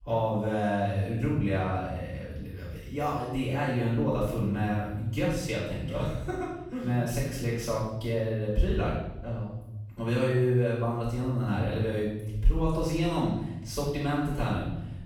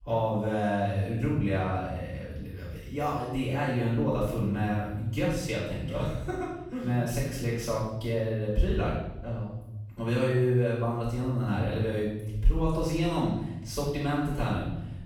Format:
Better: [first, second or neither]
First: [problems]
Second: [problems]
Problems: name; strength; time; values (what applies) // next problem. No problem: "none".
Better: neither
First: off-mic speech; far // room echo; strong; dies away in 0.9 s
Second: off-mic speech; far // room echo; strong; dies away in 0.9 s